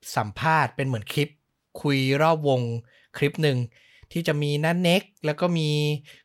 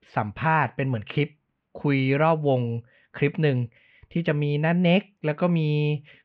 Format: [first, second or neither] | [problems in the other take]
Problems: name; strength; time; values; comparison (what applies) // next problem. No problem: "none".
first | muffled; very; fading above 2.5 kHz